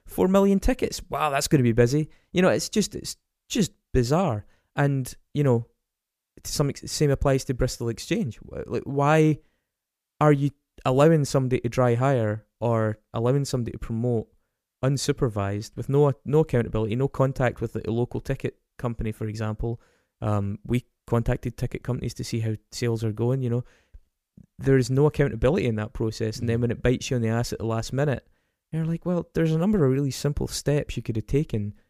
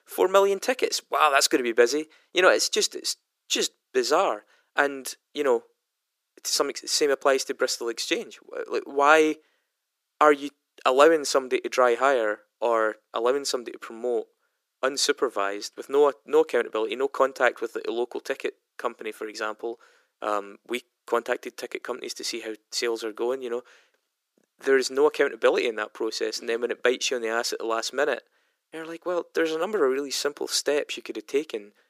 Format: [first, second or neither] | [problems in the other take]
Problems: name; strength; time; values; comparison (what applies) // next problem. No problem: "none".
first | thin; very; fading below 350 Hz